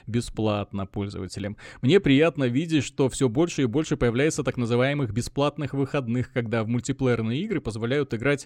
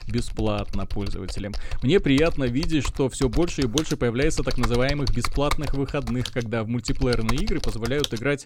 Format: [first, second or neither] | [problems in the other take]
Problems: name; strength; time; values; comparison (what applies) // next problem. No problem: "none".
first | keyboard typing; noticeable; peak 3 dB below the speech